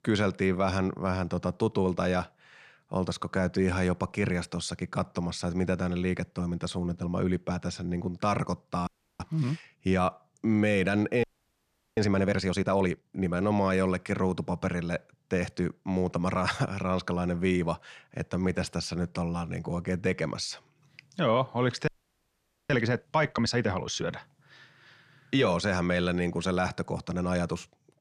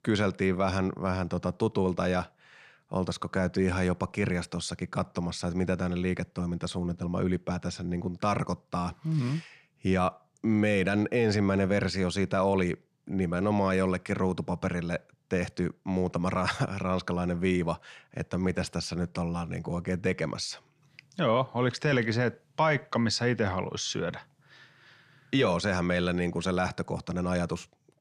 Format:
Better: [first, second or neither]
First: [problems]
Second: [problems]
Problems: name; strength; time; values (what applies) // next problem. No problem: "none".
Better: second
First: audio freezing; at 9 s, at 11 s for 0.5 s and at 22 s for 1 s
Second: none